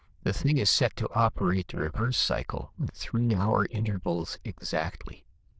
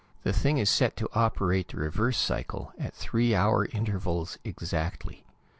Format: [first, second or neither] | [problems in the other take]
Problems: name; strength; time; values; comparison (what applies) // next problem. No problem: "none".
second | noise reduction (neural diffusion model UNIVERSE++)